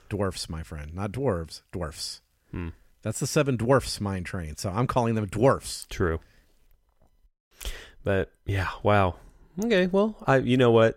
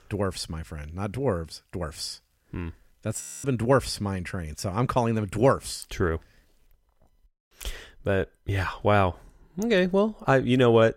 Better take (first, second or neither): first